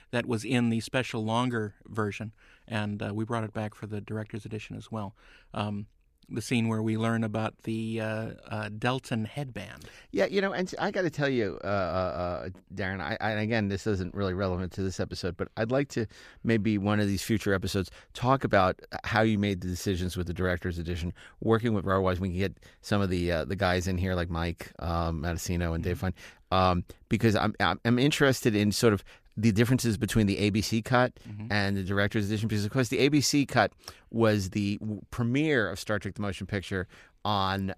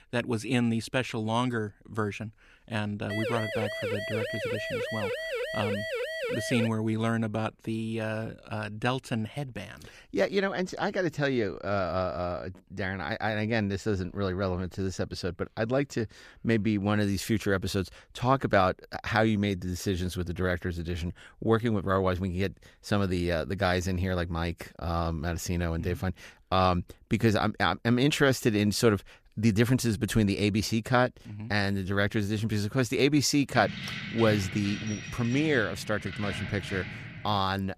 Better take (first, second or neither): first